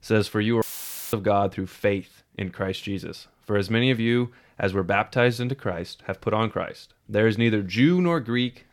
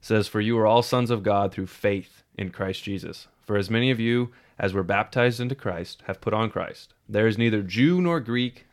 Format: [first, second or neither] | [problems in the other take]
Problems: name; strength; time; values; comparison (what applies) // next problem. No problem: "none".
second | audio cutting out; filled with static; at 0.5 s for 0.5 s